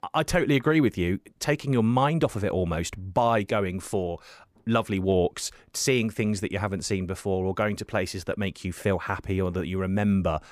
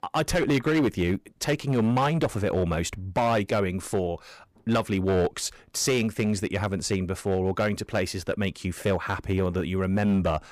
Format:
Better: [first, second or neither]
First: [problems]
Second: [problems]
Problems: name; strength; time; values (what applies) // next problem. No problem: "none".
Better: first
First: none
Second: distortion; slight; 9% of the sound clipped